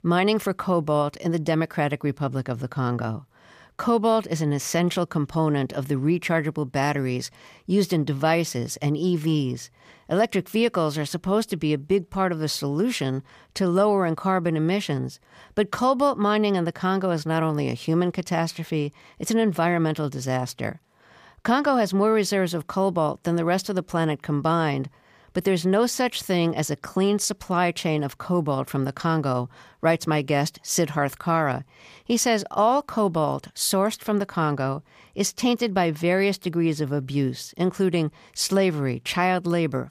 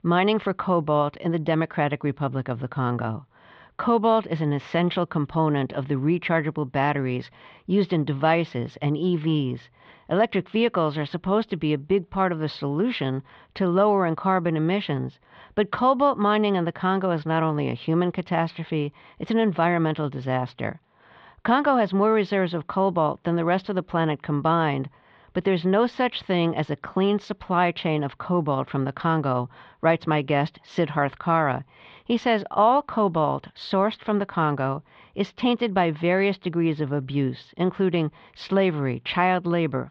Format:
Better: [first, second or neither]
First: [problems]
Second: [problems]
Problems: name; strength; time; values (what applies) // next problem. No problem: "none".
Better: first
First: none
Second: muffled; very; fading above 3.5 kHz